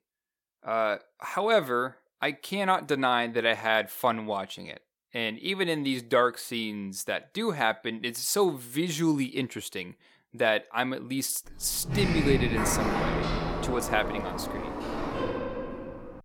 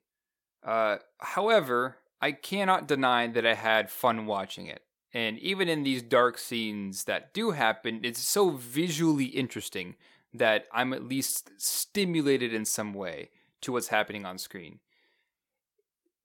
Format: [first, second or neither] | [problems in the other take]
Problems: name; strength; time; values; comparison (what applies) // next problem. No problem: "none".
second | door banging; loud; from 11 s on; peak 1 dB above the speech